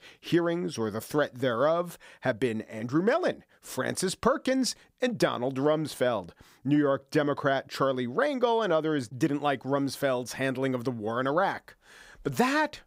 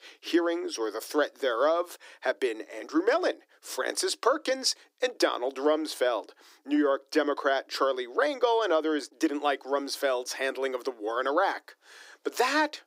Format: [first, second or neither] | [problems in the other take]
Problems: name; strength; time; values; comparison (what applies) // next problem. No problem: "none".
first | thin; very slightly; fading below 300 Hz